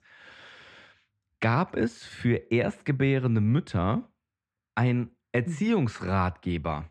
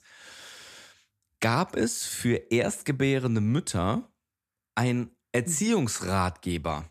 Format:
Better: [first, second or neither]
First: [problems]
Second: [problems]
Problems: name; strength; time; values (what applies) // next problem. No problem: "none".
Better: second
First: muffled; very; fading above 2.5 kHz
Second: none